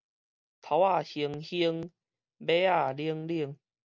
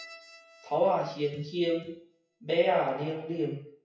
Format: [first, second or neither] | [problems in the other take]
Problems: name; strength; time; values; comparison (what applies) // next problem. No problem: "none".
first | noise reduction (classical method WPE with log-MMSE)